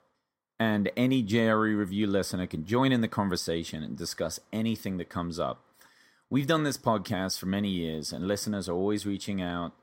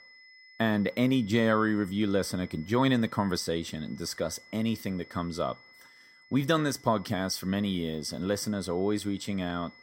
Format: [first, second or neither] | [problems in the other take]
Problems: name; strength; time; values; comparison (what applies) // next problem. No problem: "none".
first | high-pitched whine; faint; throughout; 2 kHz, 25 dB below the speech